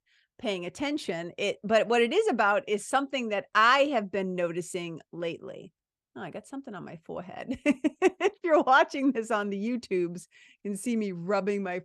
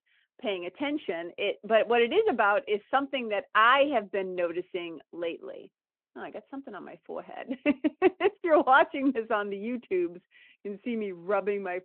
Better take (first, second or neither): first